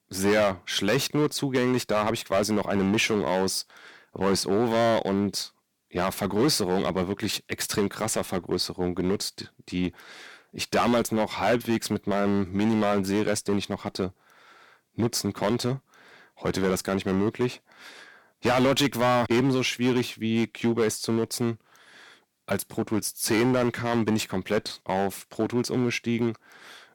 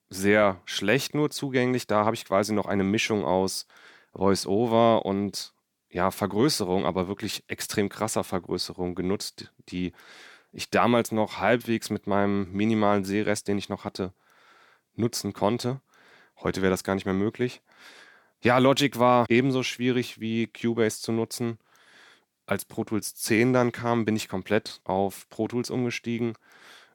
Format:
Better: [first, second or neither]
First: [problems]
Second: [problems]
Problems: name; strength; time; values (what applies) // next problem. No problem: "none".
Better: second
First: distortion; heavy; 7% of the sound clipped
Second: none